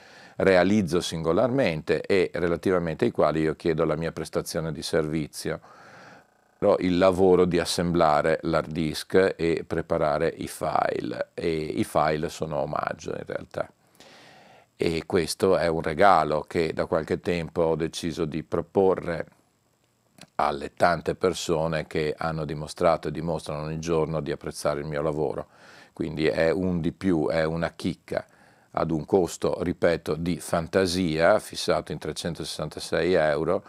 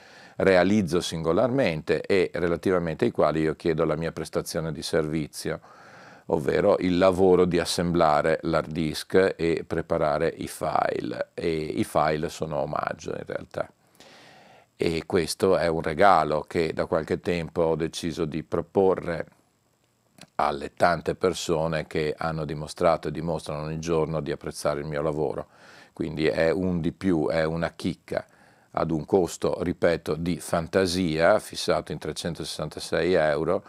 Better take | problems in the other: second | audio freezing; at 6.5 s

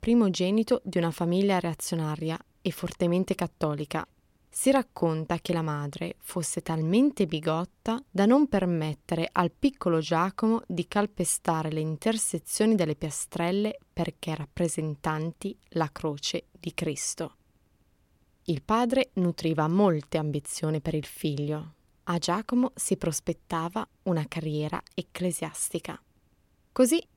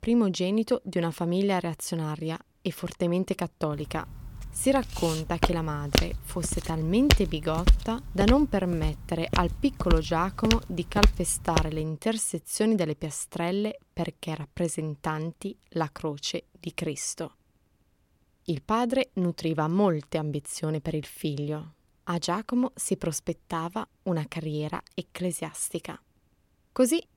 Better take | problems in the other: first | footsteps; loud; from 5.5 to 12 s; peak 4 dB above the speech

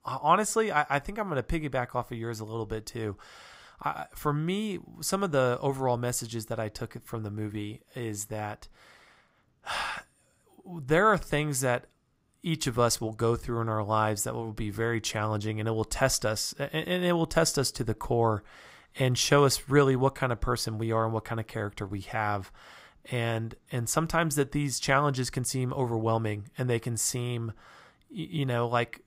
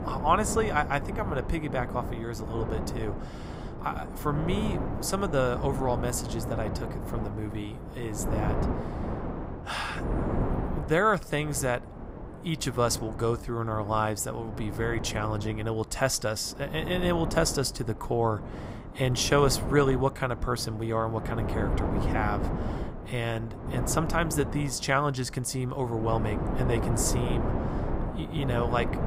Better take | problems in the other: first | wind noise on the microphone; heavy; 8 dB below the speech

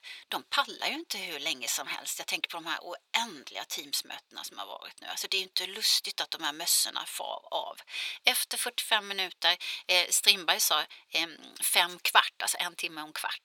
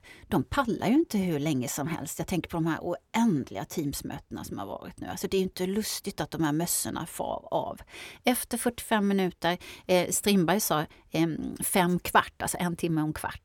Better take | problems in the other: second | thin; very; fading below 900 Hz

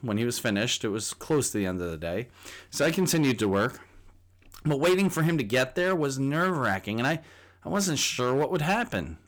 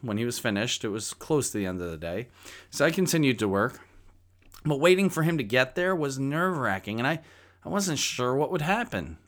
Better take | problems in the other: second | distortion; slight; 5% of the sound clipped

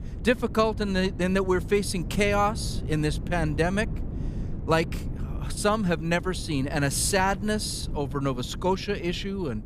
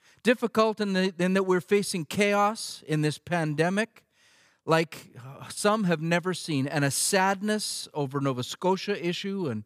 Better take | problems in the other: second | wind noise on the microphone; occasional gusts; 20 dB below the speech

